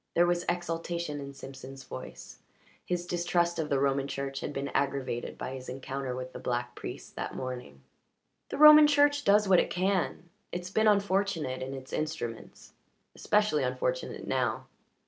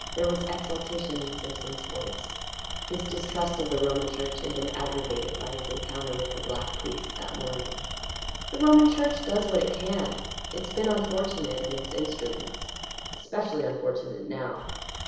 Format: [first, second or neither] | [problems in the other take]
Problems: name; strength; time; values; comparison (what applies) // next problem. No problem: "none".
first | background sound (Tools); 6 dB below the speech // room echo; dies away in 1 s